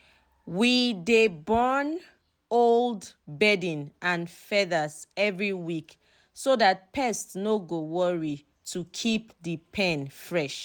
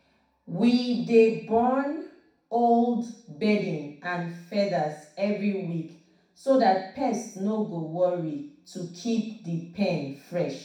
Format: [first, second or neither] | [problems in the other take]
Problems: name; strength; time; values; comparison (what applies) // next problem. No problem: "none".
first | room echo; dies away in 0.6 s